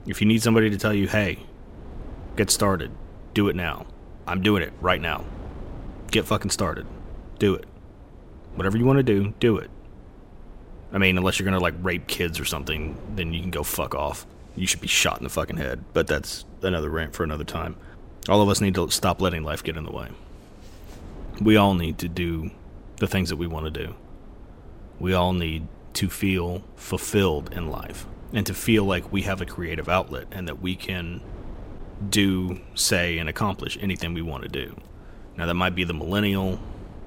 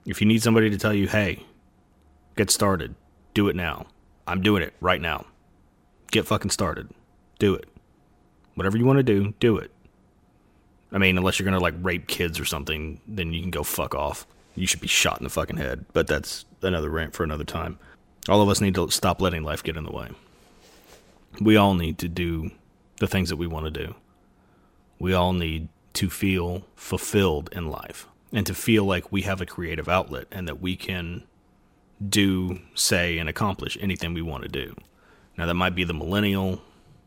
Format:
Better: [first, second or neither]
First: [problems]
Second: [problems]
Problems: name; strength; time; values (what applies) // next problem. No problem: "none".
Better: second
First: wind noise on the microphone; occasional gusts; 25 dB below the speech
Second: none